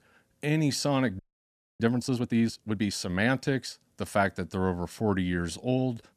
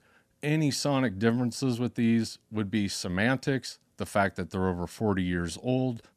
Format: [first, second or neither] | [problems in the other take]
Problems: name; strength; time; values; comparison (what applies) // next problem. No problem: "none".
second | audio freezing; at 1 s for 0.5 s